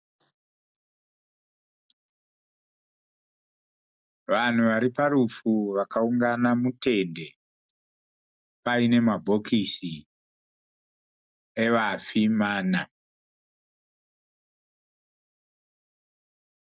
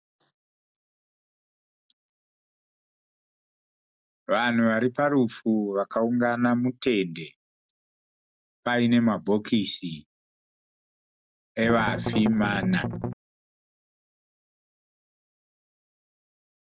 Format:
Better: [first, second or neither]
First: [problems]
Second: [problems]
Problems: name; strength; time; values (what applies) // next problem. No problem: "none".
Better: first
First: none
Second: background sound (Strum); 2 dB below the speech